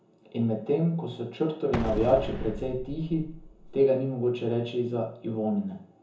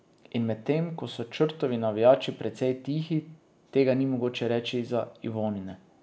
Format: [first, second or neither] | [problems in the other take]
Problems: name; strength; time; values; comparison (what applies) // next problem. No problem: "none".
second | background sound (Explosion); 7 dB below the speech // room echo; dies away in 0.6 s